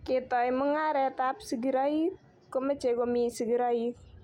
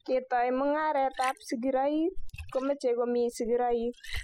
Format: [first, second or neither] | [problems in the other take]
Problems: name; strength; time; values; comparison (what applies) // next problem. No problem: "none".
first | noise reduction (classical method spectral subtraction)